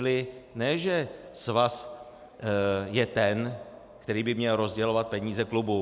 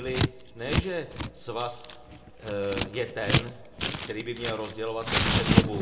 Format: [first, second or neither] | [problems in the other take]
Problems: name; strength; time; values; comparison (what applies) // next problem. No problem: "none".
first | background sound (Scissors); 5 dB above the speech // room echo; dies away in 0.7 s